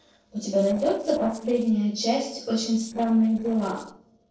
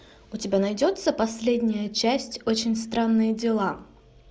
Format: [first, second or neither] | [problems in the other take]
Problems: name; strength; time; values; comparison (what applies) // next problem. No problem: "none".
second | noise reduction (neural separator model SepFormer DNS4)